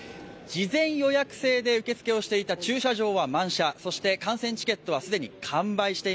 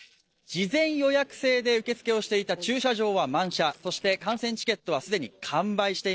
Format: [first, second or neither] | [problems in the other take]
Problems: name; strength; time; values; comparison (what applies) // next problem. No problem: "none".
first | noise reduction (neural separator model SepFormer DNS4)